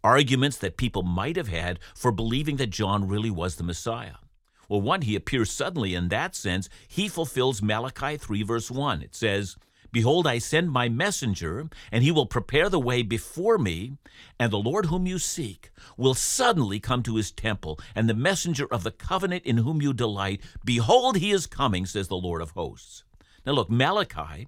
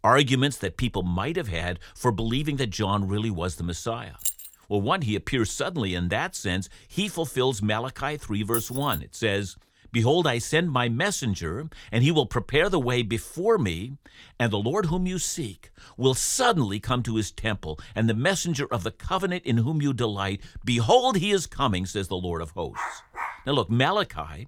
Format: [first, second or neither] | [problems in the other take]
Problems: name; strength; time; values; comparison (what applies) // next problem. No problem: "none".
first | jangling keys; noticeable; at 4 s and at 8.5 s; peak 3 dB below the speech // dog barking; noticeable; at 23 s; peak 8 dB below the speech